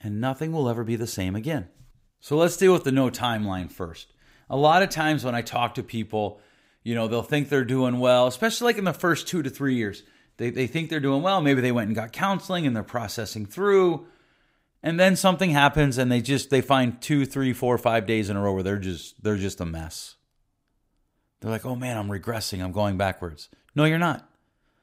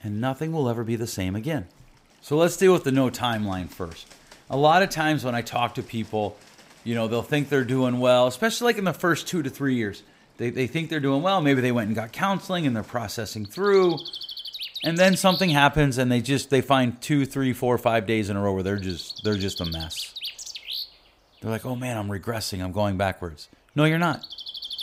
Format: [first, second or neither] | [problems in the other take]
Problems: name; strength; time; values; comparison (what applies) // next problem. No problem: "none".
first | animal sounds; loud; throughout; 10 dB below the speech